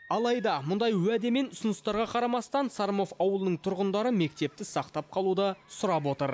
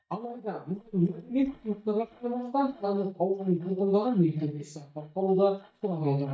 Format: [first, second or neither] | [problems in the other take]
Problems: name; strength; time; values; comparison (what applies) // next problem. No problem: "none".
first | noise reduction (neural mask model DeepFilterNet 3)